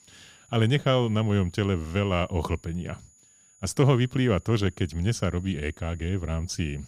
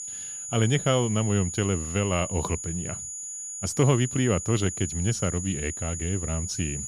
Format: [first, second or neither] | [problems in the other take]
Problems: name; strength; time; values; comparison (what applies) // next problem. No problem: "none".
first | high-pitched whine; loud; throughout; 7 kHz, 6 dB below the speech; faint in the first